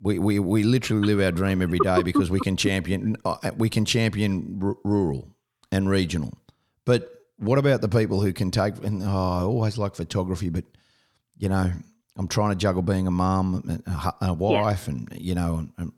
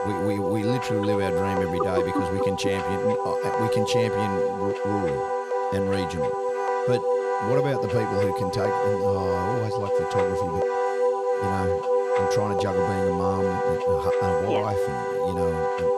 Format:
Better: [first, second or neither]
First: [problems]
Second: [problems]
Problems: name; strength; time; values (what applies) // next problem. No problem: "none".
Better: first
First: none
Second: background music; very loud; throughout; 5 dB above the speech